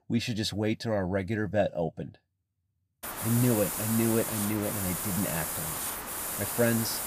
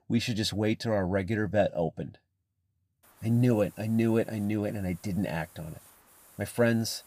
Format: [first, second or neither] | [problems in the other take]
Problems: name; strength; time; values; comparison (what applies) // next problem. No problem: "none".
second | hiss; loud; from 3 s on; 2 dB below the speech; faint in the second